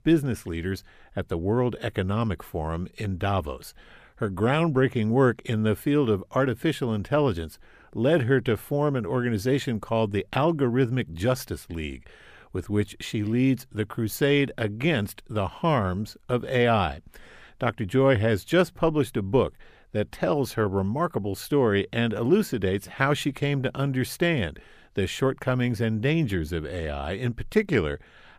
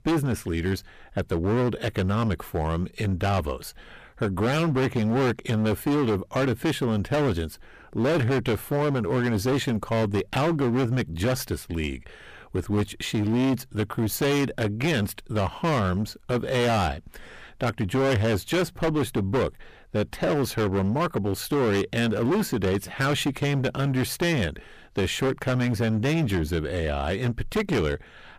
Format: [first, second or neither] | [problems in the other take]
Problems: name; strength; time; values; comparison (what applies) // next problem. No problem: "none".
first | distortion; heavy; 19% of the sound clipped